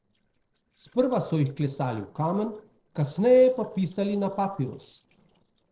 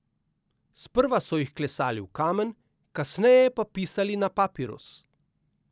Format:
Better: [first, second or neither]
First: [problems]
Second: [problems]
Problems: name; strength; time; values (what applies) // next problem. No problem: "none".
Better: second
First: noise reduction (neural separator model SepFormer DNS4)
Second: none